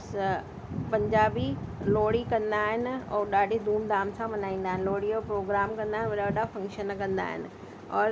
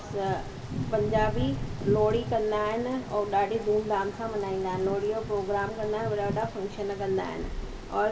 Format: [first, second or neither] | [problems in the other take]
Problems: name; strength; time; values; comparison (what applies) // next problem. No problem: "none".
first | background sound (Rain); 13 dB below the speech // room echo; dies away in 2.7 s